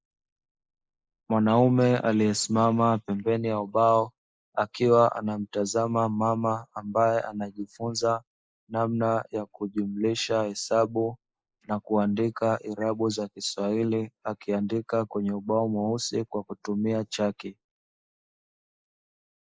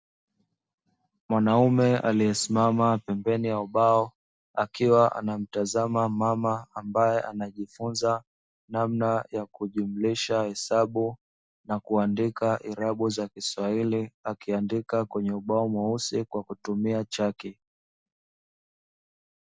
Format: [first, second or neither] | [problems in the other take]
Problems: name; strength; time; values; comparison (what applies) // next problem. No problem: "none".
second | noise reduction (neural mask model Resemble Enhance denoiser)